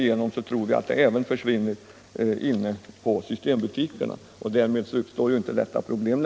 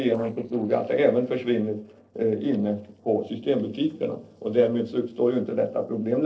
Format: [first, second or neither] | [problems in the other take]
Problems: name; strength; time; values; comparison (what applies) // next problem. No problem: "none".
first | noise reduction (neural separator model SepFormer DNS4)